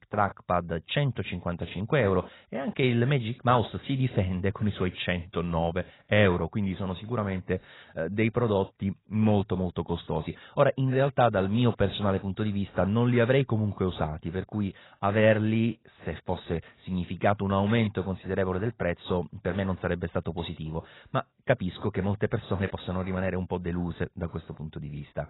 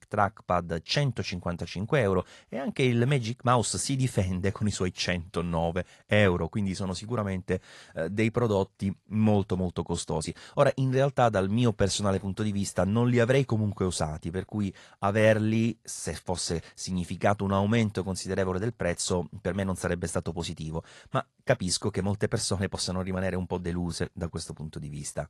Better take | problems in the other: second | garbled, watery; badly; nothing above 4 kHz; slightly in the second

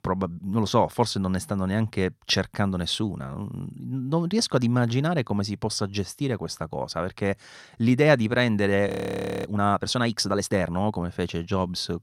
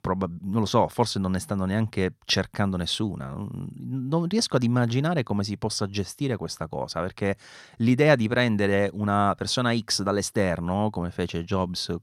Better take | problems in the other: second | audio freezing; at 9 s for 0.5 s

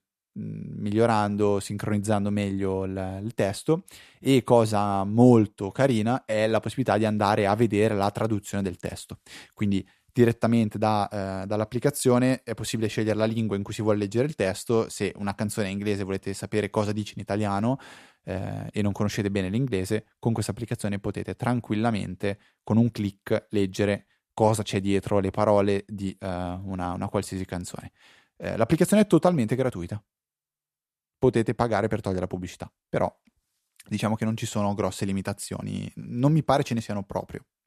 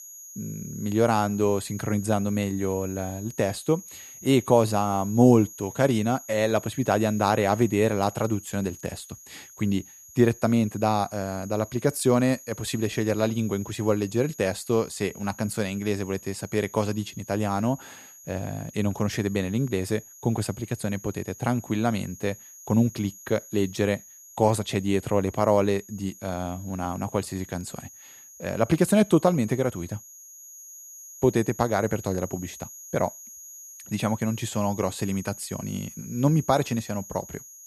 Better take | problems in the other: first | high-pitched whine; noticeable; throughout; 6.5 kHz, 15 dB below the speech

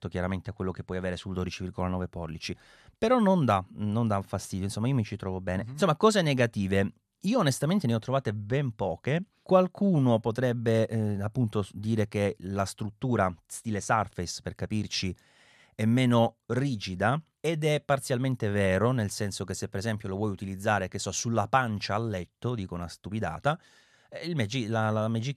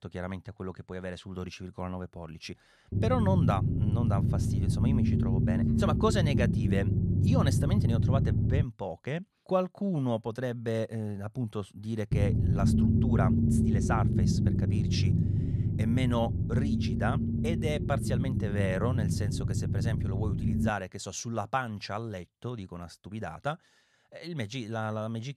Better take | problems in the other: first | low rumble; loud; from 3 to 8.5 s and from 12 to 21 s; 2 dB below the speech

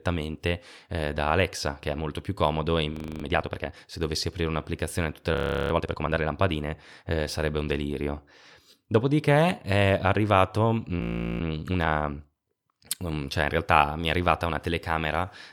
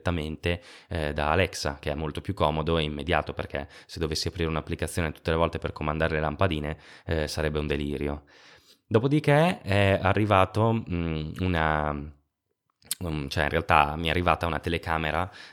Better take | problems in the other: second | audio freezing; at 3 s, at 5.5 s and at 11 s

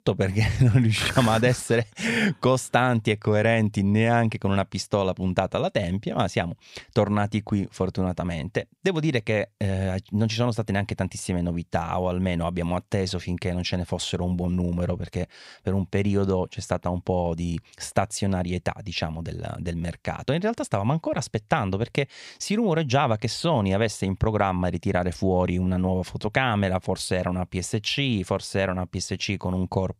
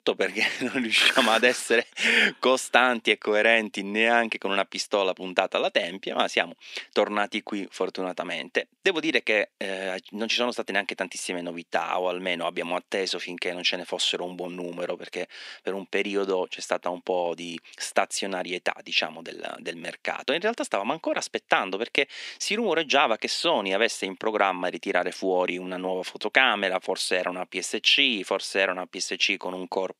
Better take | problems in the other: first | thin; somewhat; fading below 250 Hz

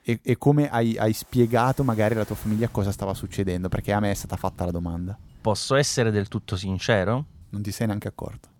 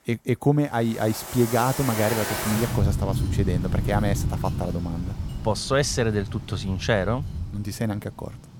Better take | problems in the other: first | rain or running water; loud; throughout; 4 dB below the speech; faint in the first

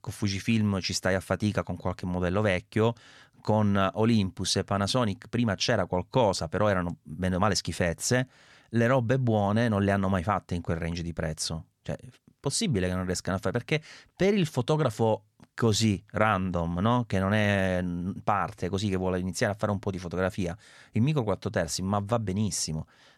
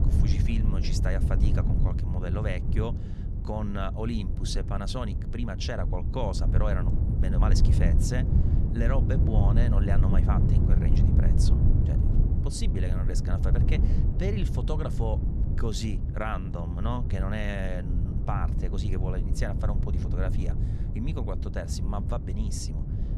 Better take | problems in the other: first | wind noise on the microphone; heavy; 4 dB below the speech

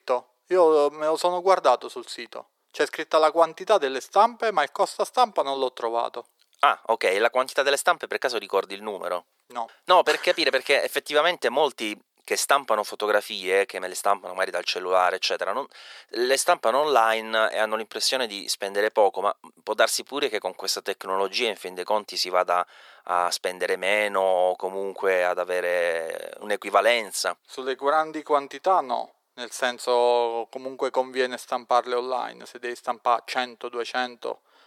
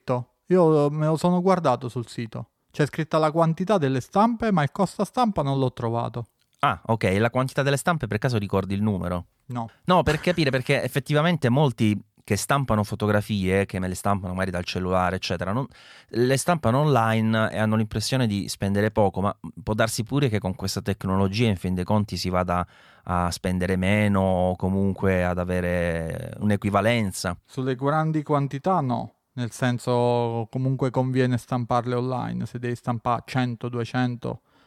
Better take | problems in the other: second | thin; very; fading below 400 Hz

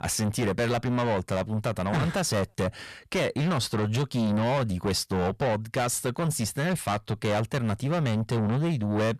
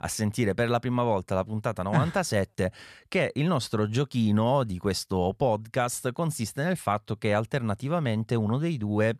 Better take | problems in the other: second | distortion; heavy; 7 dB below the speech

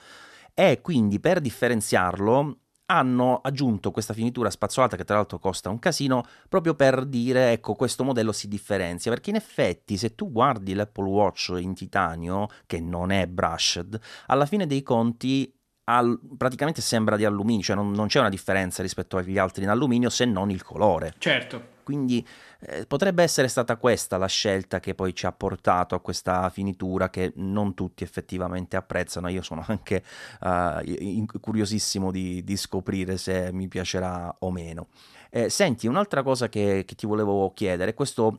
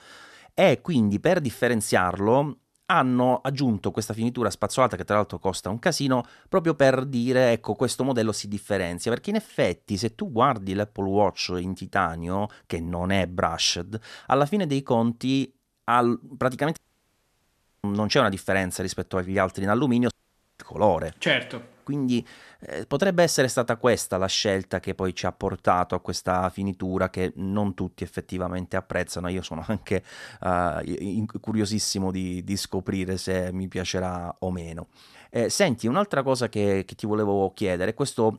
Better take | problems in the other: first | audio cutting out; at 17 s for 1 s and at 20 s

